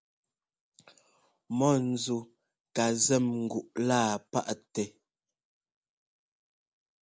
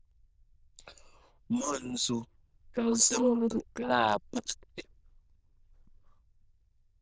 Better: first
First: none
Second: noise reduction (neural diffusion model UNIVERSE++)

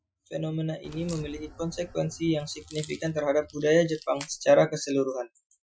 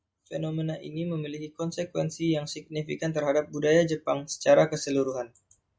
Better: second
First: noise reduction (classical method Wiener filter)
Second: none

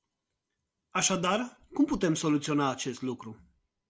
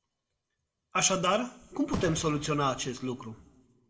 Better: first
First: none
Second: background sound (Fireworks); 10 dB below the speech // room echo; dies away in 0.7 s

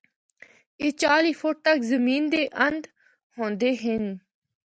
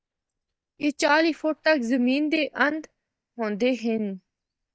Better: first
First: none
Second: noise reduction (neural mask model DeepFilterNet 3)

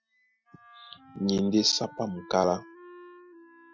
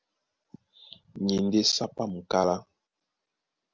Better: second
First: noise reduction (classical method Wiener filter)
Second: none

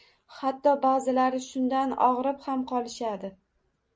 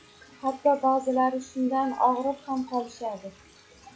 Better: first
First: none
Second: noise reduction (classical method log-MMSE)

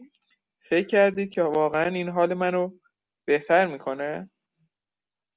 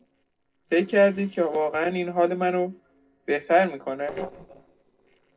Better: first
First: none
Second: noise reduction (neural separator model SepFormer DNS4)

